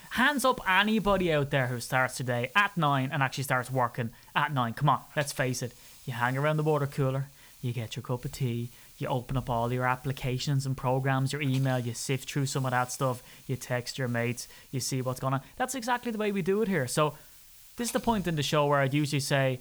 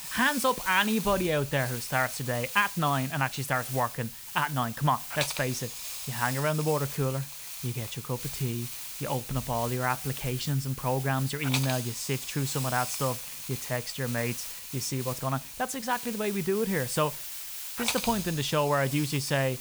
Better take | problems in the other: first | hiss; loud; throughout; 6 dB below the speech; faint in the first

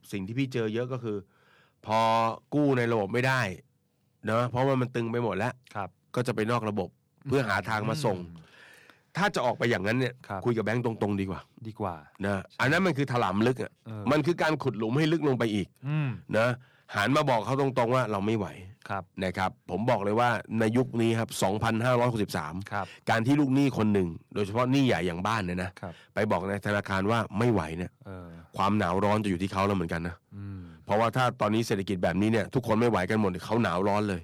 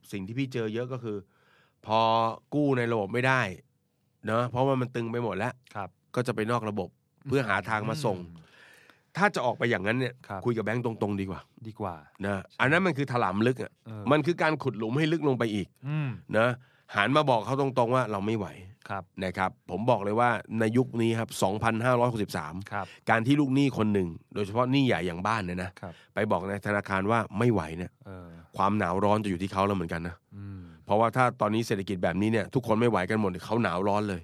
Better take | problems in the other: second | distortion; slight; 3% of the sound clipped

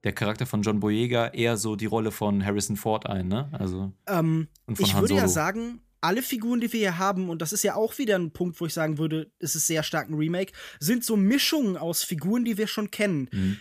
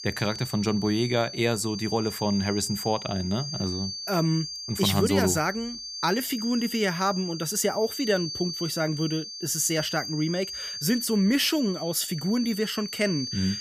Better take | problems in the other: first | high-pitched whine; loud; throughout; 4.5 kHz, 7 dB below the speech

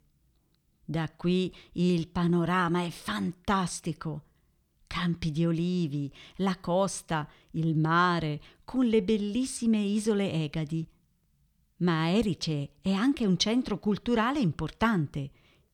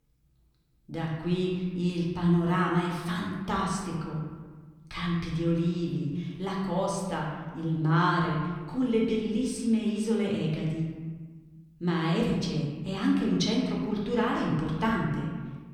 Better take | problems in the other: first | room echo; noticeable; dies away in 1.3 s // off-mic speech; far

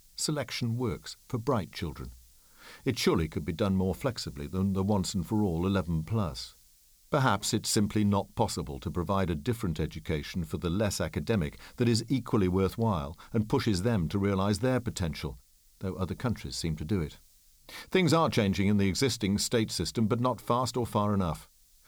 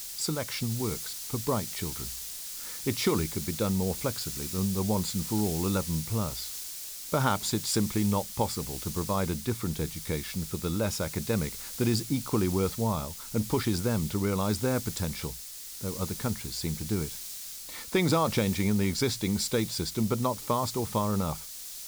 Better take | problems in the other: first | hiss; loud; throughout; 7 dB below the speech; faint in the first

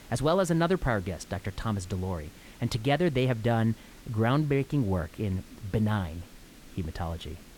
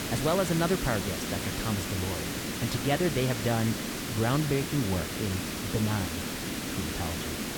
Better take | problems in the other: first | hiss; loud; throughout; 2 dB below the speech; faint in the first

